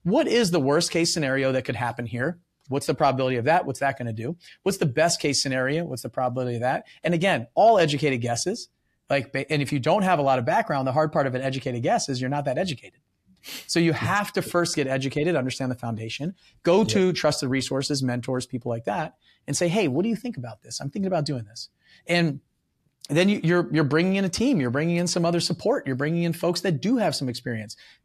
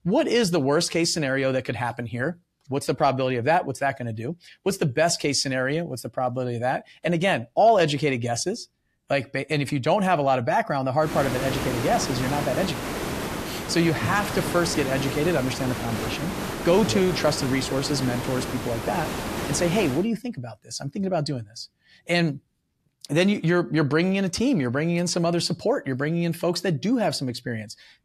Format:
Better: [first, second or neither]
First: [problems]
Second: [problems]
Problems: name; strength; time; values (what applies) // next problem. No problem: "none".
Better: first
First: none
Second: hiss; loud; from 11 to 20 s; 6 dB below the speech